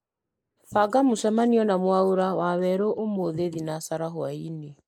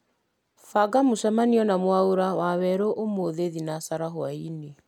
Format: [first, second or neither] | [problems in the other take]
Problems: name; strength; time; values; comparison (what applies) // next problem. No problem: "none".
second | noise reduction (neural mask model Resemble Enhance denoiser)